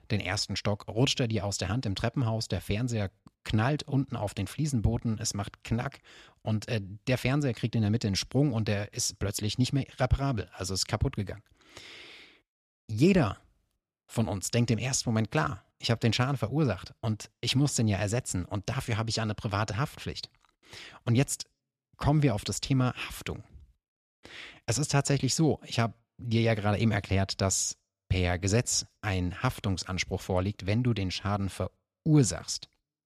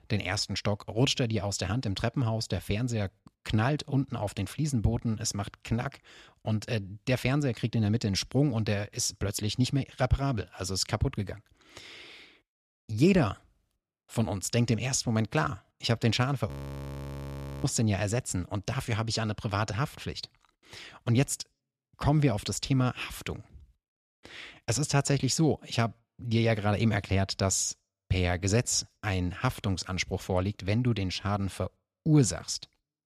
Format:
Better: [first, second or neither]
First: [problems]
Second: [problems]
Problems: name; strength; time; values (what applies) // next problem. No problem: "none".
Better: first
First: none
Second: audio freezing; at 16 s for 1 s